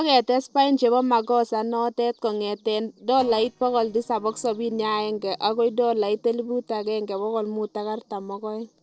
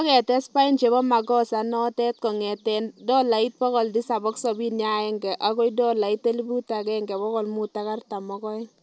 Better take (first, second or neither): second